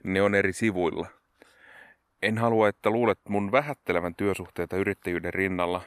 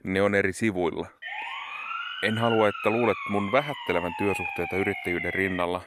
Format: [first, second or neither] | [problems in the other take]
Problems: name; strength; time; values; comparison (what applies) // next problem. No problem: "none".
first | siren; noticeable; from 1 s on; peak 4 dB below the speech